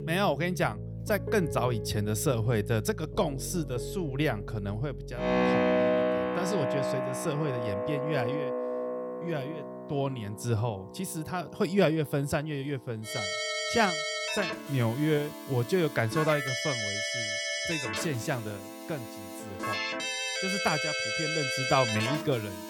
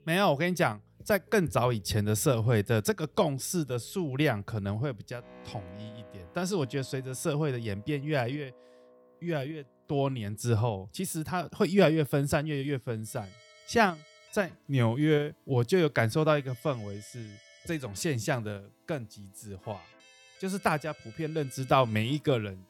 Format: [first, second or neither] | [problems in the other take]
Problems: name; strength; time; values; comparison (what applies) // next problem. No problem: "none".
second | background music; loud; throughout; 1 dB below the speech; faint in the second